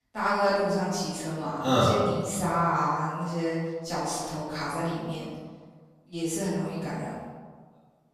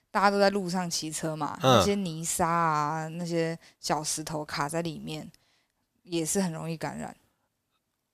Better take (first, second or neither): second